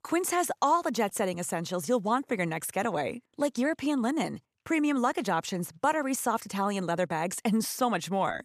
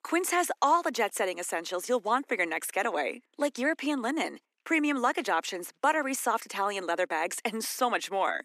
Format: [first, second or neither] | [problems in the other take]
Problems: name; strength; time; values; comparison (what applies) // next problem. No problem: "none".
first | thin; very slightly; fading below 250 Hz